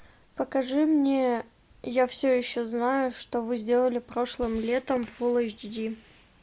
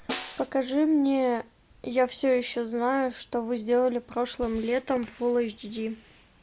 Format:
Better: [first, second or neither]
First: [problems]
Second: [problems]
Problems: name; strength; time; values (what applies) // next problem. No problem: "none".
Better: first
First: none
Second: background sound (Snare drum); 14 dB below the speech